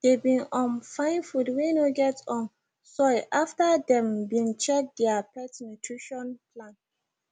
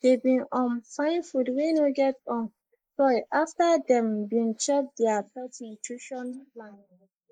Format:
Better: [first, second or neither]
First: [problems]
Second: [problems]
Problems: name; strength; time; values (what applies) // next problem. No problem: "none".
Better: first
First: none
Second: noise reduction (neural mask model Resemble Enhance denoiser)